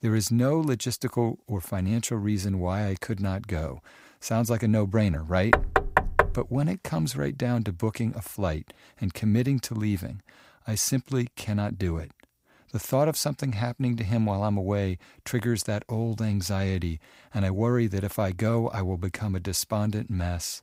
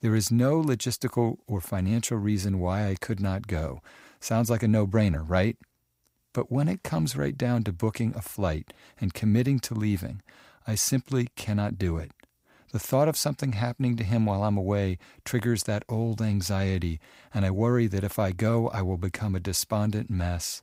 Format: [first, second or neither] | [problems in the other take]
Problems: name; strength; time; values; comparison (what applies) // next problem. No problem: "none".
second | door banging; loud; at 5.5 s; peak 5 dB above the speech